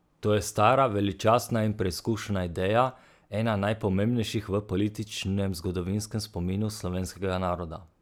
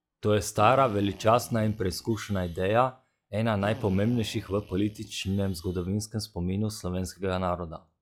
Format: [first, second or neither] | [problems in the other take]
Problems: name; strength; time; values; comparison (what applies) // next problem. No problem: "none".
first | noise reduction (classical method log-MMSE)